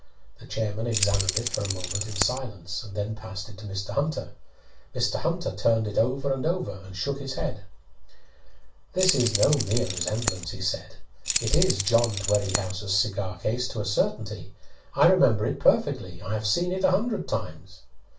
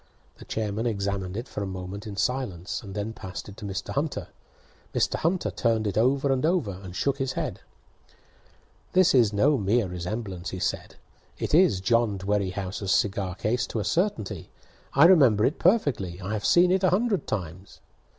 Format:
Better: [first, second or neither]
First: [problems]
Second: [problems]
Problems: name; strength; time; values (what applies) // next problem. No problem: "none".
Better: second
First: background sound (Keys jangling); 3 dB below the speech // room echo; dies away in 0.2 s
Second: none